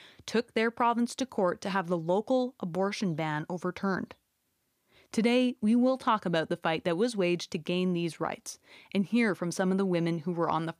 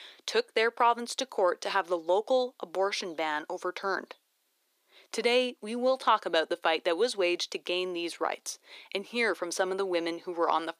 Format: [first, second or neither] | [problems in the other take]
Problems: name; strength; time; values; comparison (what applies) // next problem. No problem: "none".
first | thin; very; fading below 350 Hz